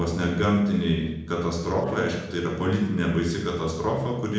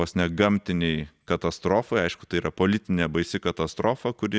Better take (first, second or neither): second